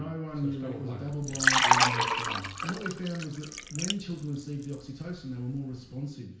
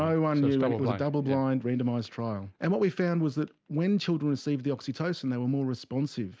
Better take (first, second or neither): second